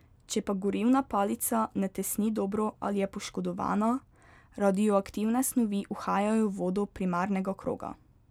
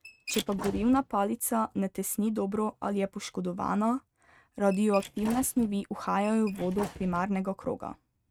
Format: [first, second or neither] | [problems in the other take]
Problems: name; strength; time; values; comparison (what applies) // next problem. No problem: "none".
first | noise reduction (neural mask model RNNoise)